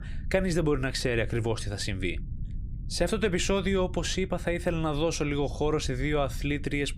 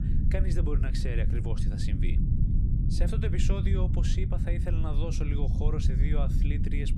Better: first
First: low rumble; faint; throughout; 25 dB below the speech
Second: low rumble; loud; throughout; 3 dB below the speech

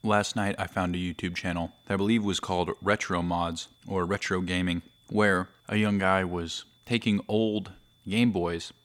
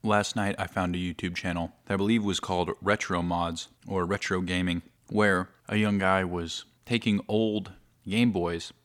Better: second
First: high-pitched whine; faint; throughout; 3.5 kHz, 35 dB below the speech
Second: none

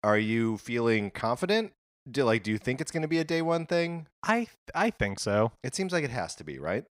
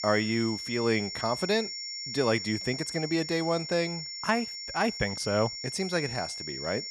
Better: first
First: none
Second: high-pitched whine; loud; throughout; 5.5 kHz, 5 dB below the speech

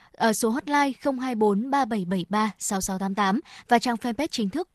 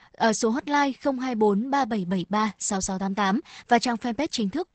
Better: first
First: garbled, watery; slightly; nothing above 12 kHz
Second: garbled, watery; badly; nothing above 8 kHz

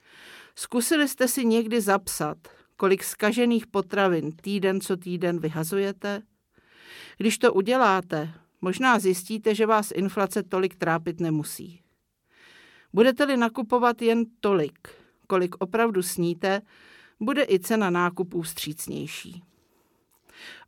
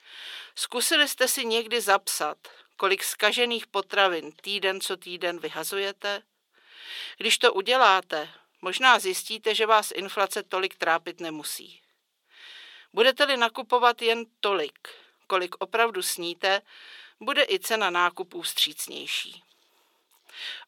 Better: first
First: none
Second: thin; very; fading below 600 Hz

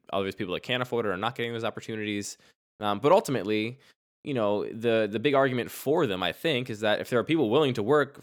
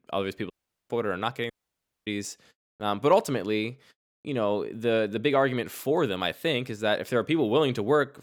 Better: first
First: none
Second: audio cutting out; at 0.5 s and at 1.5 s for 0.5 s

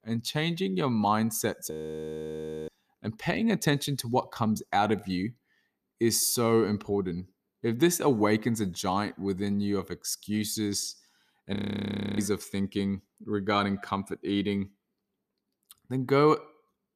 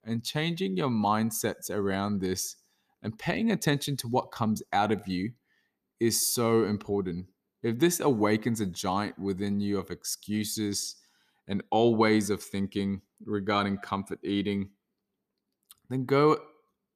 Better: second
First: audio freezing; at 1.5 s for 1 s and at 12 s for 0.5 s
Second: none

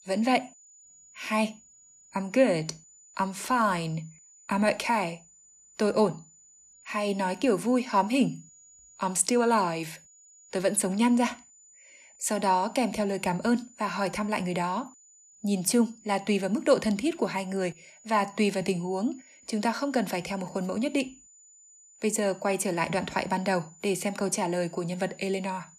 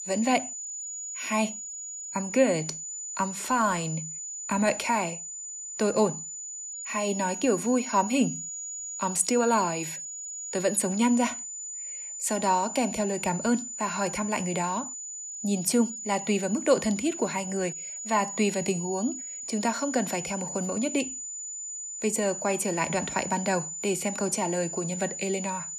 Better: first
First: high-pitched whine; faint; throughout; 7 kHz, 25 dB below the speech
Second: high-pitched whine; loud; throughout; 7 kHz, 7 dB below the speech

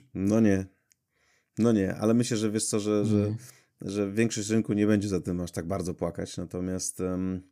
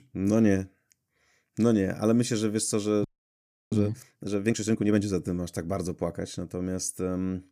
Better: first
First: none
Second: audio freezing; at 3 s for 0.5 s

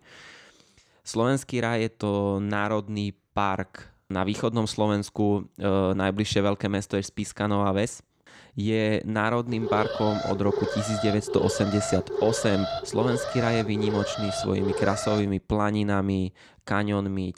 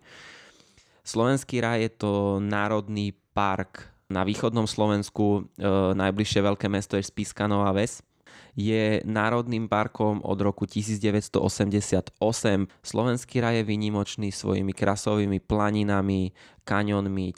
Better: second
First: alarm; noticeable; from 9.5 to 15 s; peak 3 dB below the speech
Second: none

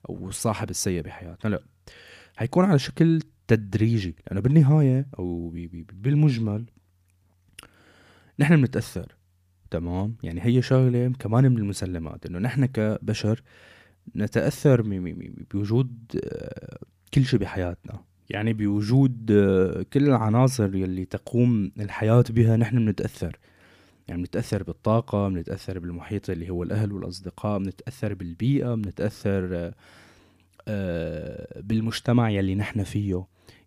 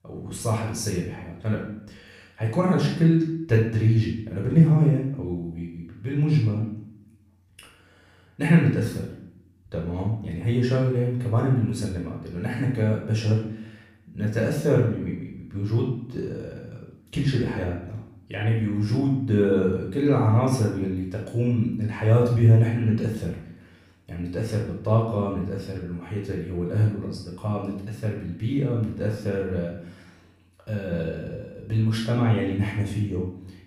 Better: first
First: none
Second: room echo; noticeable; dies away in 0.6 s // off-mic speech; far

